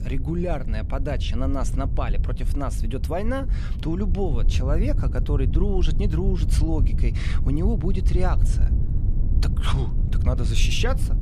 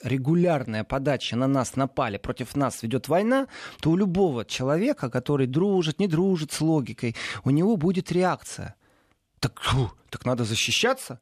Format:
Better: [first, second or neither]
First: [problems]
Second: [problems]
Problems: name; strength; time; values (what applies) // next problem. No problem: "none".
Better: second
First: low rumble; loud; throughout; 10 dB below the speech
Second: none